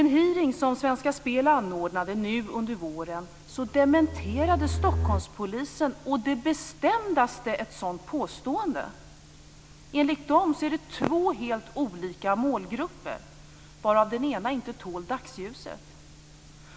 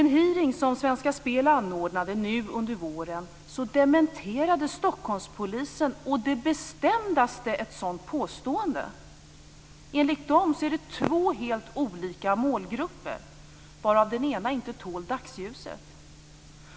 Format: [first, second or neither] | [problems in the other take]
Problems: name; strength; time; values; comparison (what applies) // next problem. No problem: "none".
second | background sound (Bowed string instrument); 2 dB below the speech